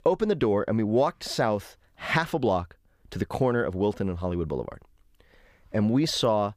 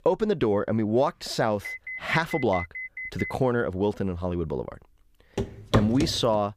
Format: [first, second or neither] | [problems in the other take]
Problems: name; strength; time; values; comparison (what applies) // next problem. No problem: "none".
first | alarm; noticeable; from 1.5 to 3.5 s; peak 8 dB below the speech // footsteps; loud; at 5.5 s; peak level with the speech